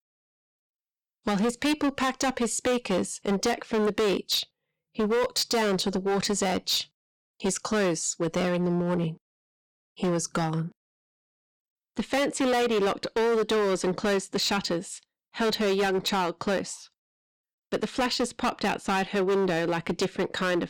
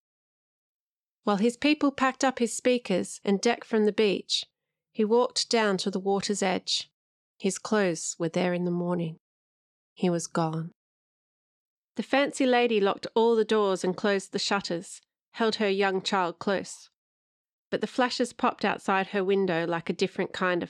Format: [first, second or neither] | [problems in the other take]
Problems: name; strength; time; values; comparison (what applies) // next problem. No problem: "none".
second | distortion; heavy; 14% of the sound clipped